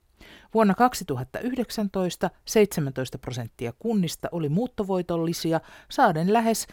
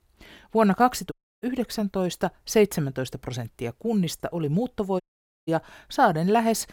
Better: first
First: none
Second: audio cutting out; at 1 s and at 5 s

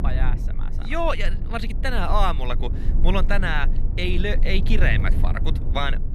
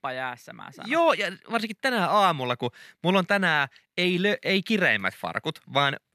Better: second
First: low rumble; noticeable; throughout; 15 dB below the speech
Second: none

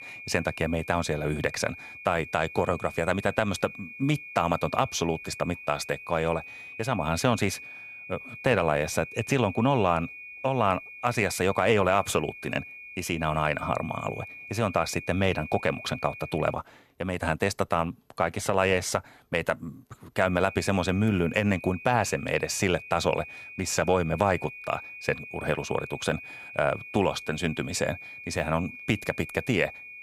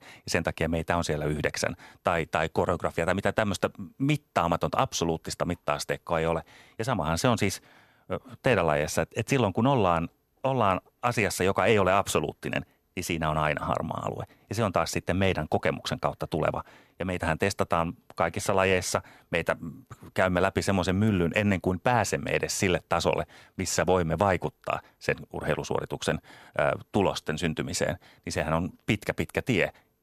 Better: second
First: high-pitched whine; noticeable; until 17 s and from 20 s on; 2.5 kHz, 15 dB below the speech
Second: none

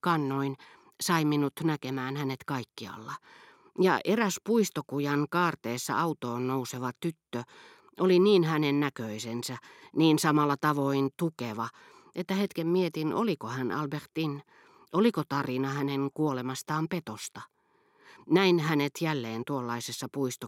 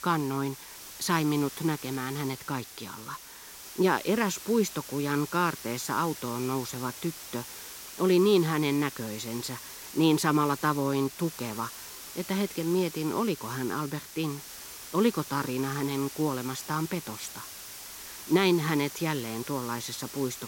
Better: first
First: none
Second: hiss; noticeable; throughout; 10 dB below the speech

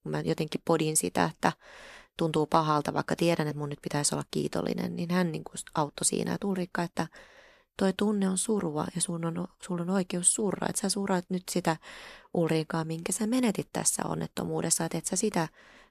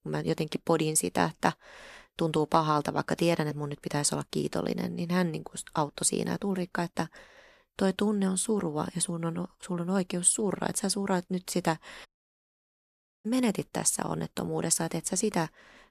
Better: first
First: none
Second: audio cutting out; at 12 s for 1 s

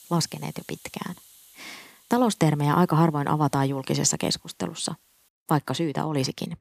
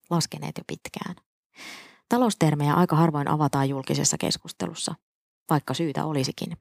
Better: second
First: hiss; faint; until 5.5 s; 25 dB below the speech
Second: none

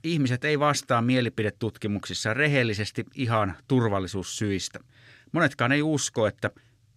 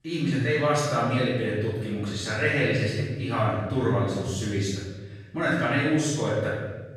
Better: first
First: none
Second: off-mic speech; far // room echo; strong; dies away in 1.2 s

